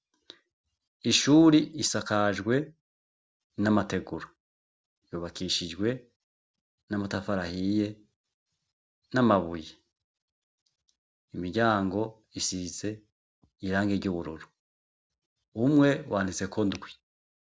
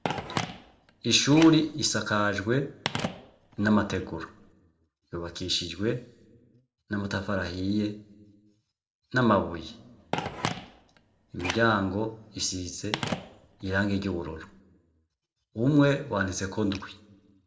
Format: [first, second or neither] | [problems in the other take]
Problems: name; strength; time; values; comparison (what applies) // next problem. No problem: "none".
first | background sound (Telephone); 11 dB below the speech // room echo; dies away in 0.5 s